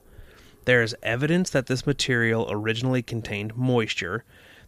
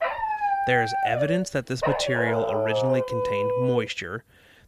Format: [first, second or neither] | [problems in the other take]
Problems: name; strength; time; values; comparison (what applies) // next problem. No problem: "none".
first | dog barking; loud; until 4 s; peak 4 dB above the speech